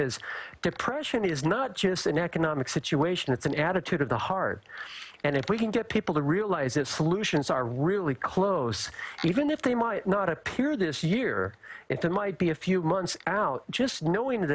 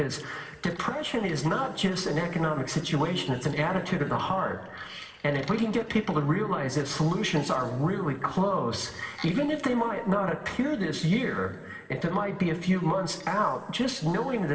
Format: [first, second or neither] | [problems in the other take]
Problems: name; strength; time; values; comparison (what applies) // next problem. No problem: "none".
first | room echo; dies away in 2.1 s